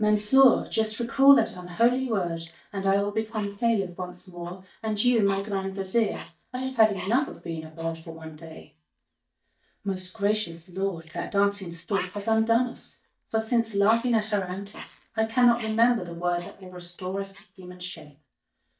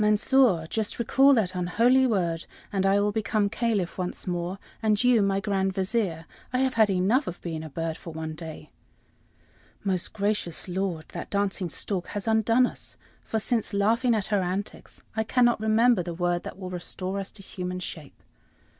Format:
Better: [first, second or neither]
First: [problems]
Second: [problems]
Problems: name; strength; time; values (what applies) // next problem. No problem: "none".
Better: second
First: noise reduction (neural mask model DeepFilterNet 3)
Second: none